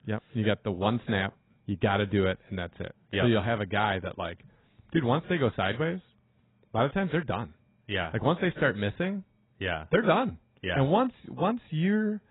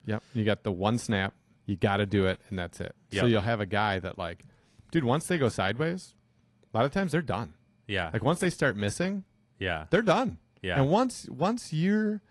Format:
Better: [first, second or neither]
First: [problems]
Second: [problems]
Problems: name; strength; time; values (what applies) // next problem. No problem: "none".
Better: second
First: garbled, watery; badly; nothing above 4 kHz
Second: garbled, watery; slightly; nothing above 11 kHz